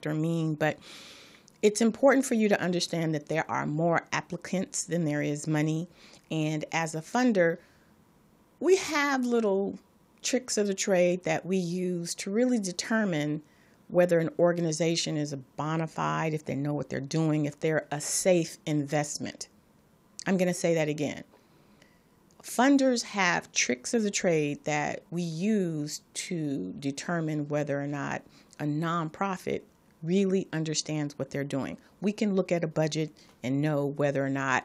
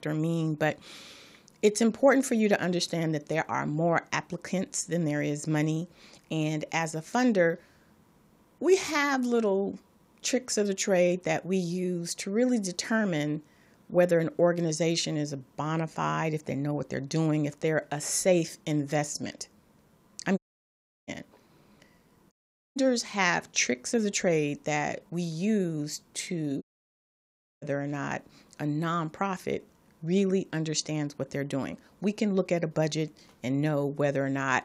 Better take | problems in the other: first | audio cutting out; at 20 s for 0.5 s, at 22 s and at 27 s for 1 s

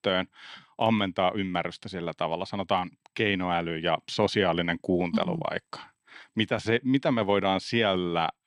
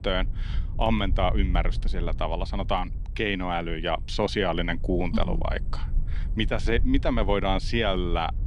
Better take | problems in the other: first | low rumble; faint; throughout; 20 dB below the speech

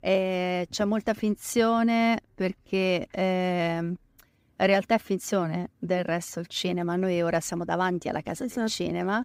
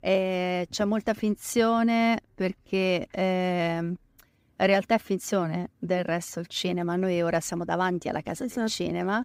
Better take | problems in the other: neither | none

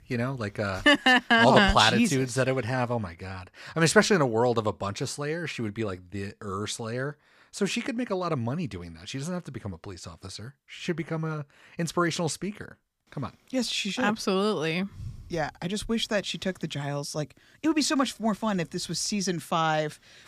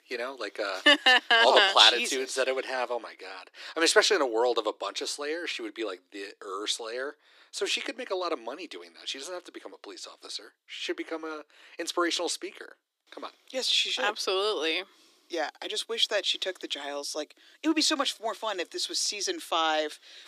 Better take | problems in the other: first | thin; very; fading below 300 Hz

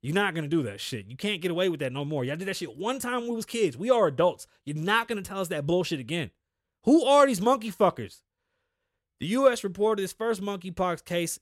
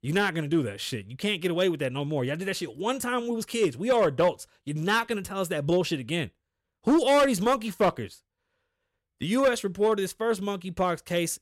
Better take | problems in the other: first | distortion; slight; 3% of the sound clipped

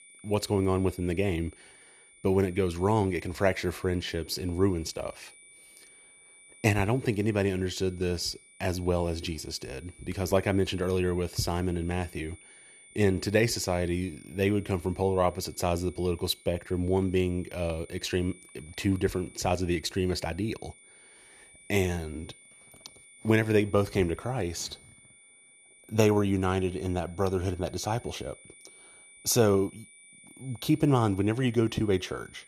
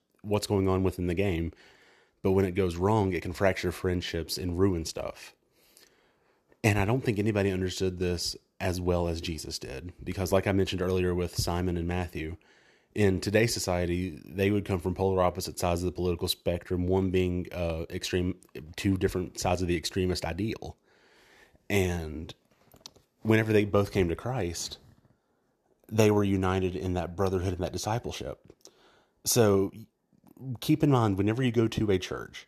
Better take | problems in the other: second | high-pitched whine; faint; throughout; 2.5 kHz, 25 dB below the speech

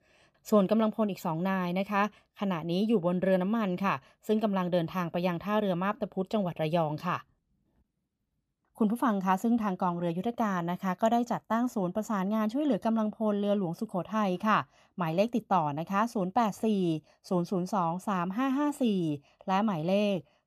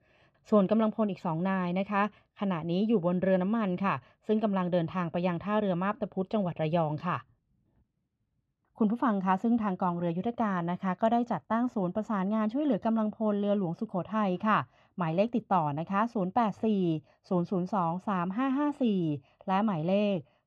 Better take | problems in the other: first | muffled; slightly; fading above 3 kHz

